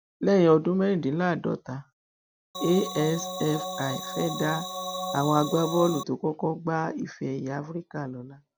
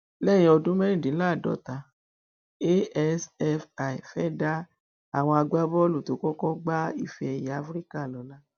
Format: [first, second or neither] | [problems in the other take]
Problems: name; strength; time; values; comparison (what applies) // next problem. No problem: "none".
second | background sound (Organ); 7 dB below the speech